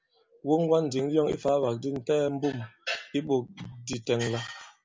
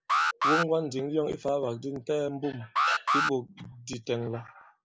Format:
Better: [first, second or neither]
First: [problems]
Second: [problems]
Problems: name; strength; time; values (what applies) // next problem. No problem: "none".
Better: first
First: none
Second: noise reduction (neural mask model Resemble Enhance denoiser)